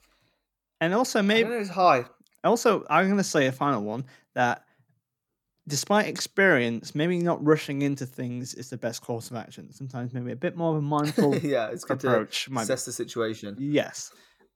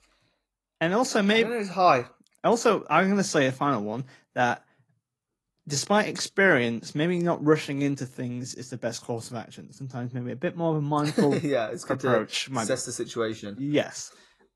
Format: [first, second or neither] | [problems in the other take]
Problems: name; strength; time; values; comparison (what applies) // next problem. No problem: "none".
first | garbled, watery; slightly; nothing above 11.5 kHz